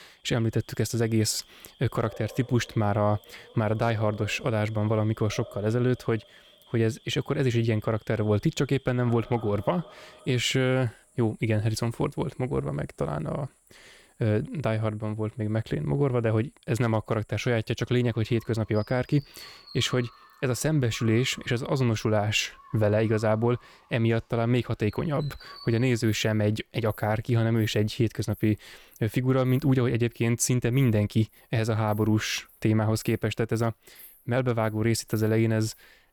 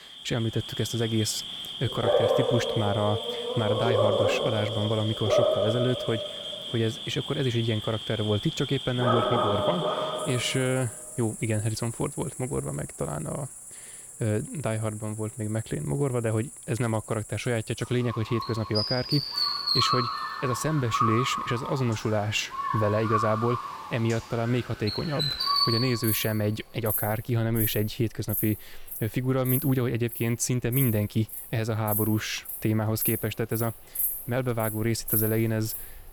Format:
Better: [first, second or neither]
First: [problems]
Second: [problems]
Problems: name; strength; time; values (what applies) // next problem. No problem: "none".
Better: first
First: animal sounds; faint; throughout; 25 dB below the speech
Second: animal sounds; loud; throughout; 1 dB below the speech